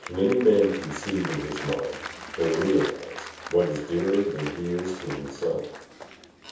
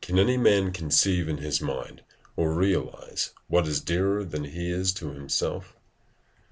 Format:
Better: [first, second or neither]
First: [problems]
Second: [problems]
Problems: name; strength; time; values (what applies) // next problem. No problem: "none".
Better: second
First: background sound (Applause); 12 dB below the speech // room echo; dies away in 0.7 s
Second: none